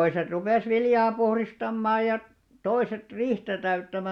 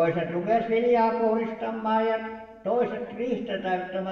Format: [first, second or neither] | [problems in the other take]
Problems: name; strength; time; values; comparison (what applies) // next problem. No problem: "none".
first | room echo; dies away in 1.2 s